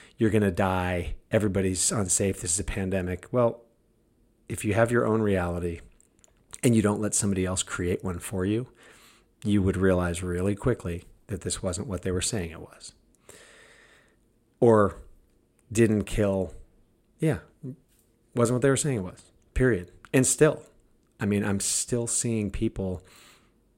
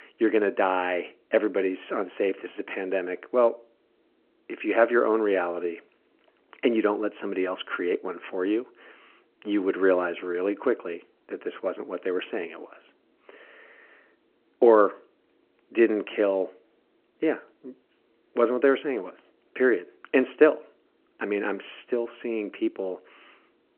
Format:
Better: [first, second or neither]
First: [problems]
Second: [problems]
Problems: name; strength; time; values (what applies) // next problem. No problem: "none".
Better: first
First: none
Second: phone-call audio